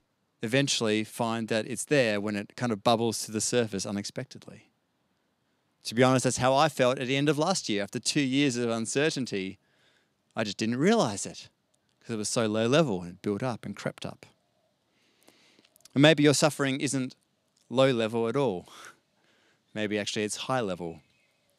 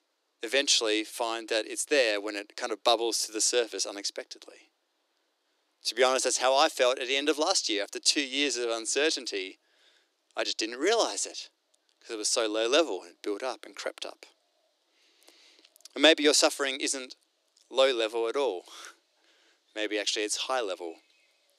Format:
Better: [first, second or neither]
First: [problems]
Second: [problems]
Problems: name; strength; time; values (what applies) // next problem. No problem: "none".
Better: first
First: none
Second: thin; somewhat; fading below 300 Hz